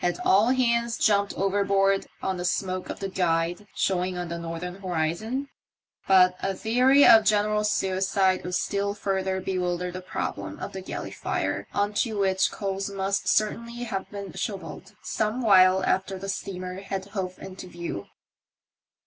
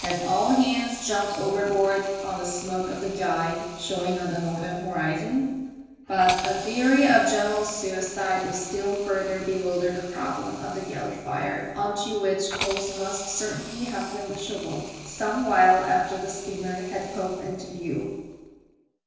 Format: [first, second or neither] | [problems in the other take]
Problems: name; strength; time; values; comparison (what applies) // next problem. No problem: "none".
first | background sound (Hiss); 15 dB below the speech // room echo; dies away in 1.2 s